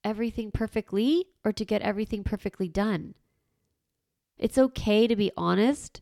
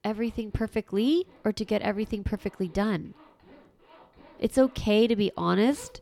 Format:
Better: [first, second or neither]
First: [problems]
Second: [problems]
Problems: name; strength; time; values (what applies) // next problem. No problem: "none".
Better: first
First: none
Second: household noises; faint; throughout; 30 dB below the speech